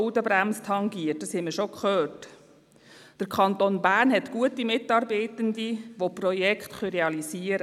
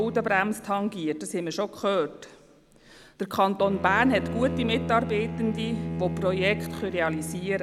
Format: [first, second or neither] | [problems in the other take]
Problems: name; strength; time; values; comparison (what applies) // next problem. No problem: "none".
first | background sound (Bowed string instrument); 8 dB below the speech